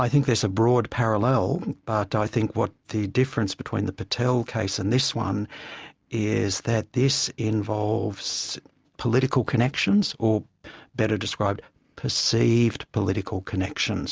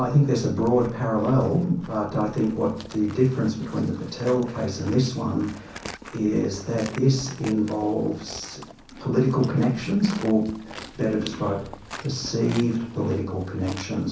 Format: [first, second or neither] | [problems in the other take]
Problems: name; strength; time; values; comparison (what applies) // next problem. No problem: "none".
first | background sound (Livestock, farm animals, working animals); 18 dB below the speech // room echo; dies away in 0.6 s